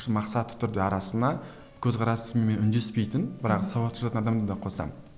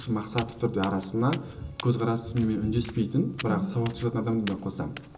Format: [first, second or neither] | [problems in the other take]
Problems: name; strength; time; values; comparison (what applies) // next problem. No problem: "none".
first | background sound (Walk, footsteps); 14 dB below the speech // room echo; dies away in 0.2 s